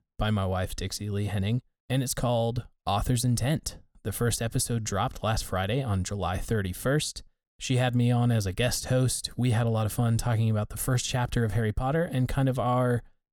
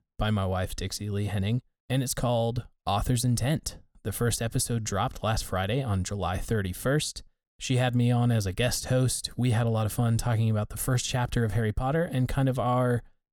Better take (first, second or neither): neither